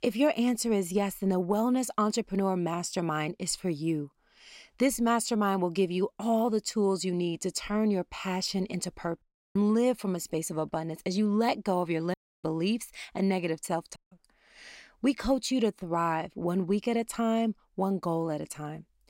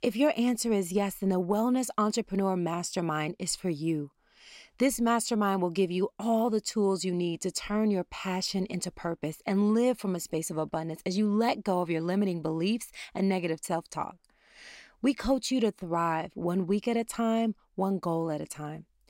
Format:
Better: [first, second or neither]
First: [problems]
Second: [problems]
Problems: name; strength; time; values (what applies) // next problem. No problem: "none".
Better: second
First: audio cutting out; at 9 s, at 12 s and at 14 s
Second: none